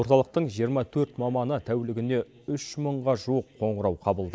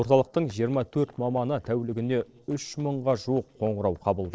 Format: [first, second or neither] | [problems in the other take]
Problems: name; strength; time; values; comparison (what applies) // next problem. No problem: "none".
first | noise reduction (neural separator model SepFormer DNS4)